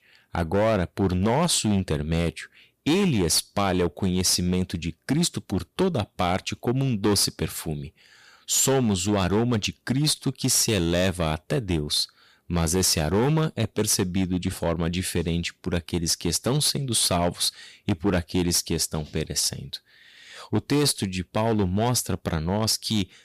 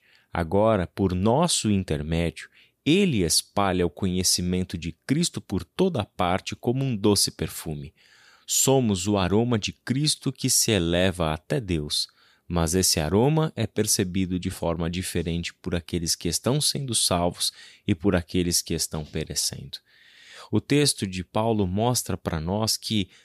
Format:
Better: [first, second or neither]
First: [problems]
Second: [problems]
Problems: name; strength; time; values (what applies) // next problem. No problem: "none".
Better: second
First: distortion; slight; 8% of the sound clipped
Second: none